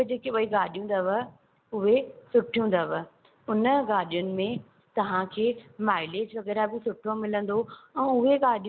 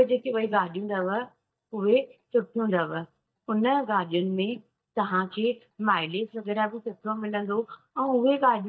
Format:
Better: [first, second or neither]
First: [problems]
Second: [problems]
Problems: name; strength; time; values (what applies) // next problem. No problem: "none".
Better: first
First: none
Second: noise reduction (neural mask model DeepFilterNet 3)